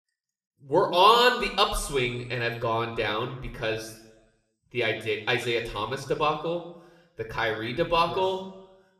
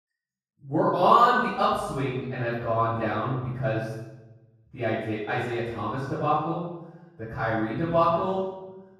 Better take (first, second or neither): first